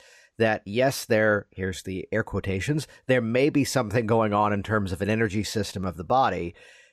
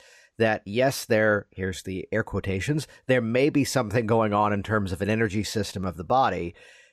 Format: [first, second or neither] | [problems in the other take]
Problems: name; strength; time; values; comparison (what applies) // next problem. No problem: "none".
neither | none